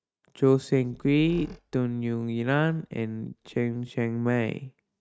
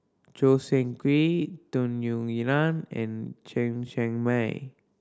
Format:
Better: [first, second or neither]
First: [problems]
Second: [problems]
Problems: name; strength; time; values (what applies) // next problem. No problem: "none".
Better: second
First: noise reduction (neural mask model RNNoise)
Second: none